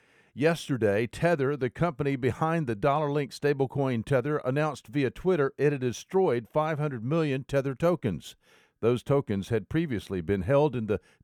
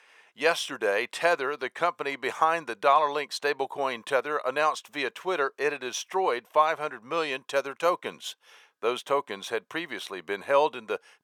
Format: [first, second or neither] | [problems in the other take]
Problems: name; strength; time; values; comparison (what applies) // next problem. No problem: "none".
first | thin; very; fading below 700 Hz